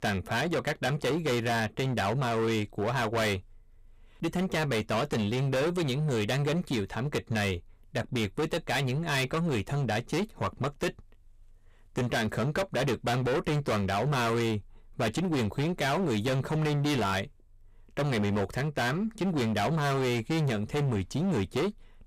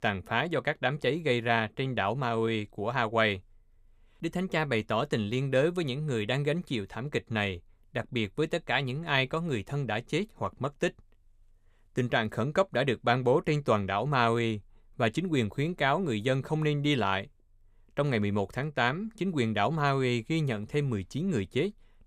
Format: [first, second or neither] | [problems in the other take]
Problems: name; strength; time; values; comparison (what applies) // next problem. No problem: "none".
second | distortion; heavy; 25% of the sound clipped